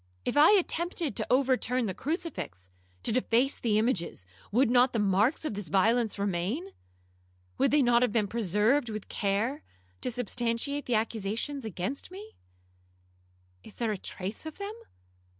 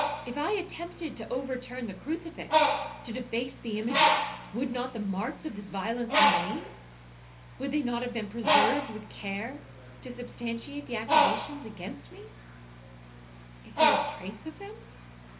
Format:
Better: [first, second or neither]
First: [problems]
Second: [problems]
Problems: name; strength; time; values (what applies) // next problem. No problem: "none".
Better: first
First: none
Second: background sound (Bird); 3 dB above the speech // room echo; dies away in 0.3 s